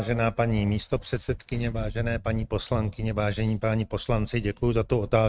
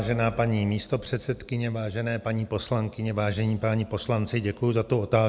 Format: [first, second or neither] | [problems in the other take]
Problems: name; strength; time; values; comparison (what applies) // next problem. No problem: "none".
second | noise reduction (neural mask model RNNoise)